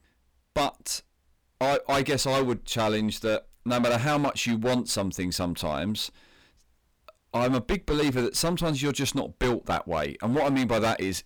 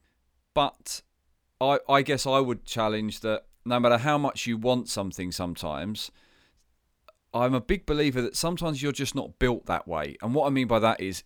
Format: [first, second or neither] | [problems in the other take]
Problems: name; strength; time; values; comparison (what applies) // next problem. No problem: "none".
second | distortion; heavy; 13% of the sound clipped